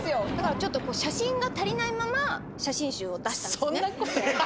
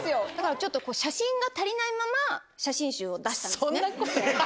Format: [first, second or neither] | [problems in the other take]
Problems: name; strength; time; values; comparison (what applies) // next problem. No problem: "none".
second | background sound (Thunder); 8 dB below the speech